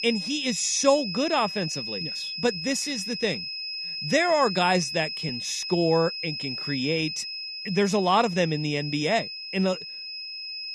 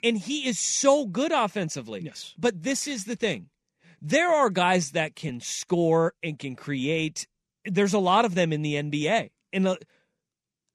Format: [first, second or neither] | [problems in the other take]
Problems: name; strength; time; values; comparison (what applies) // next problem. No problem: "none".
second | high-pitched whine; loud; throughout; 5 kHz, 6 dB below the speech